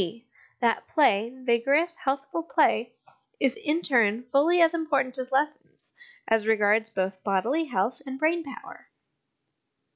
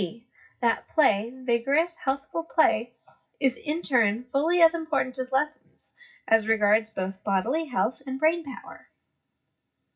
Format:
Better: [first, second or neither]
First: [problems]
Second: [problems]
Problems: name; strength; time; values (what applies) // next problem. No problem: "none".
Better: first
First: none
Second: room echo; dies away in 0.4 s